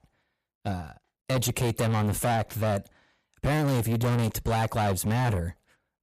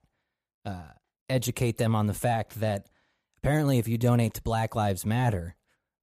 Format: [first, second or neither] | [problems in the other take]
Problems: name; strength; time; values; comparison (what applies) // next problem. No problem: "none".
second | distortion; heavy; 7 dB below the speech